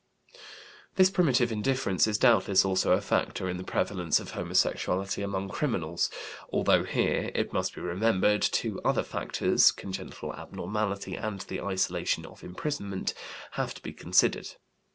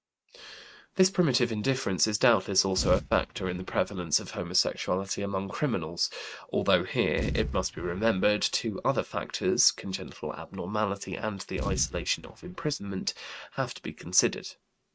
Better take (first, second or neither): first